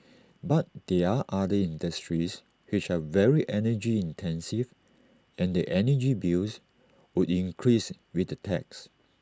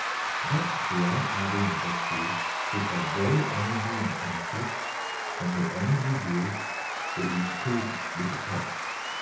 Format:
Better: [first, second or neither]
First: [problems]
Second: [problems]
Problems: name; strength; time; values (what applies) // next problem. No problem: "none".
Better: first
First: none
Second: background sound (Applause / Crowd / Cheering); as loud as the speech // room echo; dies away in 0.6 s